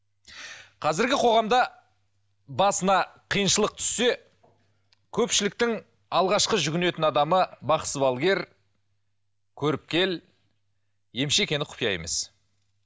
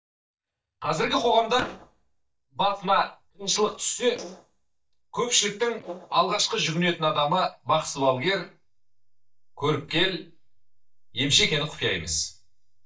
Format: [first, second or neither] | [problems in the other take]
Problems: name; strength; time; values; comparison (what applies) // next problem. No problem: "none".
first | noise reduction (neural mask model DeepFilterNet 3)